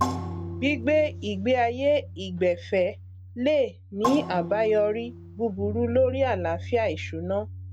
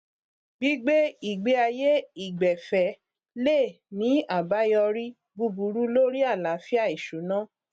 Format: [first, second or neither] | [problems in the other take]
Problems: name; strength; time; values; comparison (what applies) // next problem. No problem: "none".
second | background sound (Percussion + Bass guitar); 9 dB below the speech